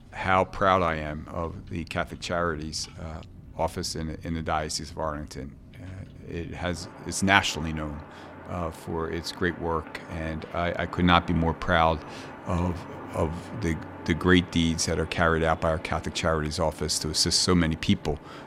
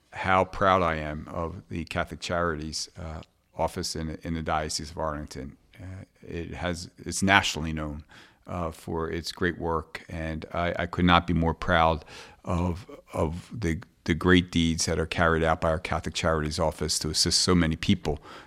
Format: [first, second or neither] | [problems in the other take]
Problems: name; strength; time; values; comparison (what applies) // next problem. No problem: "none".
second | traffic noise; noticeable; throughout; 15 dB below the speech